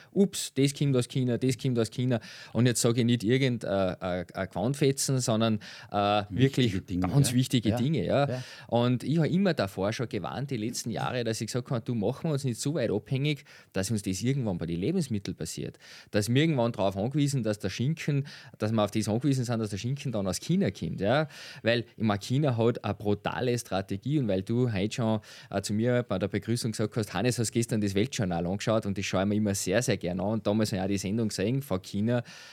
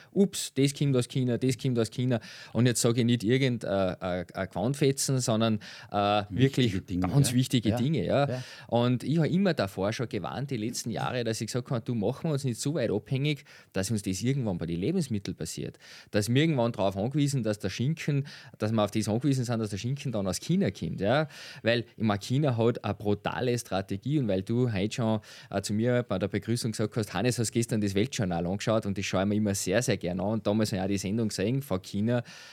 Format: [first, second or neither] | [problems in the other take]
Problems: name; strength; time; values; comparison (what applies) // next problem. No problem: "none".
neither | none